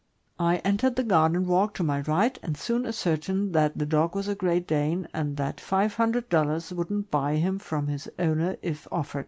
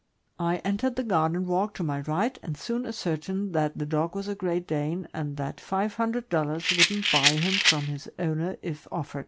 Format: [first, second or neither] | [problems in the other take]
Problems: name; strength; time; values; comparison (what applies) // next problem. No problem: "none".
first | background sound (Rattle); 3 dB above the speech